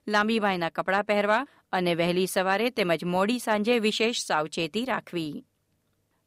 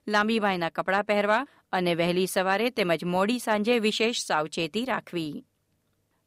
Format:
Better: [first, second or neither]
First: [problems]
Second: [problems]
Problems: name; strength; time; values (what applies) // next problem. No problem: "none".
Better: neither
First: none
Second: none